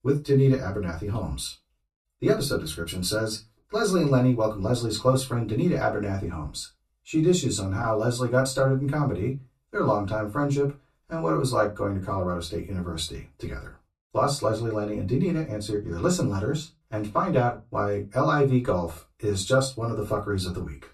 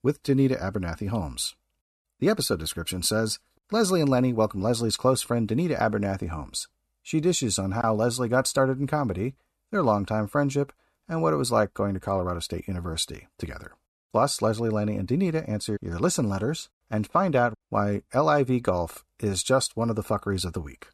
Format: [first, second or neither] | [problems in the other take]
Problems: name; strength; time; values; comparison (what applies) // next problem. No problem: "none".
second | off-mic speech; far // room echo; very slight; dies away in 0.2 s